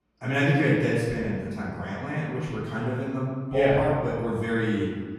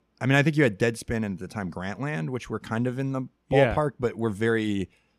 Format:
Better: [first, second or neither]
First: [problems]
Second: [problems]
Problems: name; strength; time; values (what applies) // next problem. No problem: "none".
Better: second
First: off-mic speech; far // room echo; strong; dies away in 1.5 s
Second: none